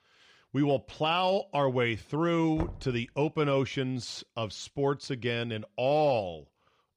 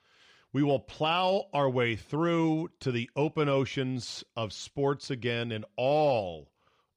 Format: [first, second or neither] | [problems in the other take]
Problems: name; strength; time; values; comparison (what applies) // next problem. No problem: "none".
second | door banging; noticeable; at 2.5 s; peak 10 dB below the speech